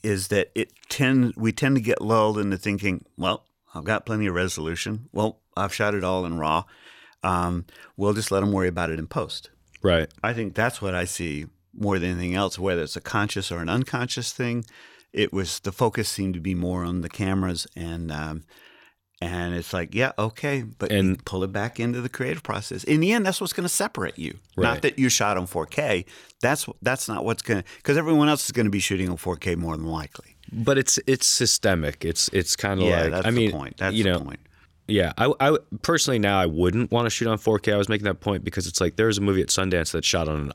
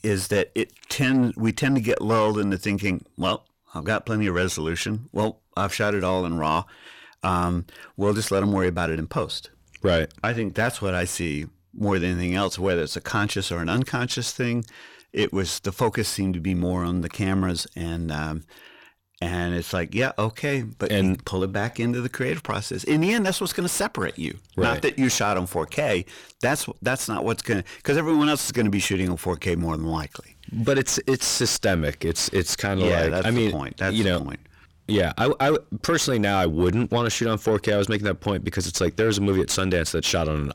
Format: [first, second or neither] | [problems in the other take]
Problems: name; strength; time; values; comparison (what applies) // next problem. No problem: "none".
first | distortion; slight; 10 dB below the speech